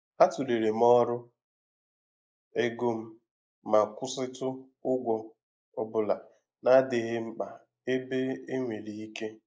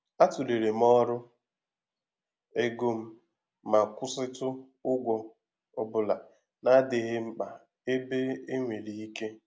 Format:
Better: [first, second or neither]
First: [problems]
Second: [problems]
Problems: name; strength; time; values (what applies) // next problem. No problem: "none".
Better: second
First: noise reduction (neural mask model Resemble Enhance denoiser)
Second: none